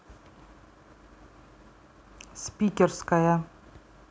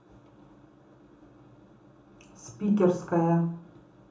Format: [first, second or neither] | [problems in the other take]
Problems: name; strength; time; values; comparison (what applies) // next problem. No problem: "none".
first | room echo; dies away in 1.2 s